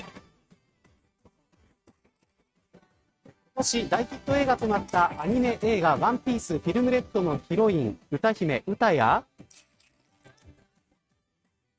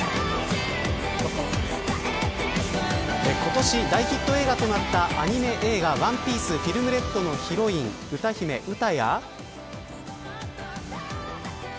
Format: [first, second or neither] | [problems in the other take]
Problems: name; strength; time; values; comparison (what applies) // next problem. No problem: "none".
second | noise reduction (neural mask model RNNoise)